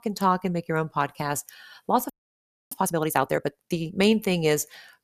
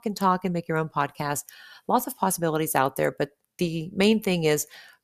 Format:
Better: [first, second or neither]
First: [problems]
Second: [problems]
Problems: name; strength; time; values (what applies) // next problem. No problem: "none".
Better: second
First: audio freezing; at 2 s for 0.5 s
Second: none